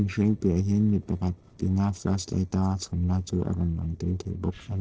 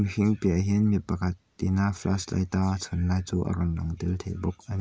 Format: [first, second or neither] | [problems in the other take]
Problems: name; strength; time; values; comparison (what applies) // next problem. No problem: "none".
second | noise reduction (neural separator model SepFormer DNS4)